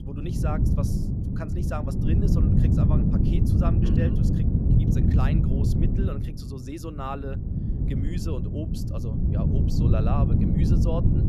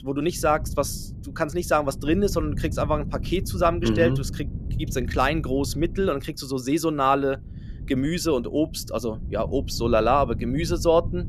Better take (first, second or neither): second